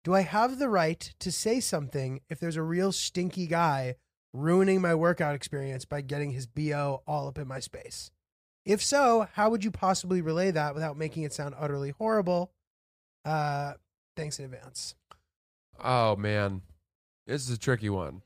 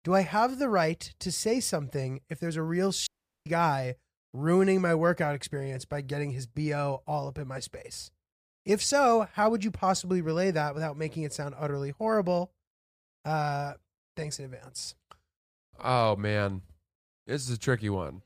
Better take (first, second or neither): first